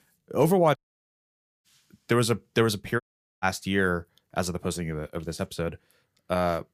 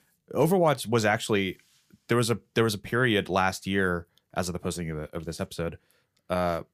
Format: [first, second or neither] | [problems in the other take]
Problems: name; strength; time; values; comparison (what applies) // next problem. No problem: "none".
second | audio cutting out; at 1 s for 1 s and at 3 s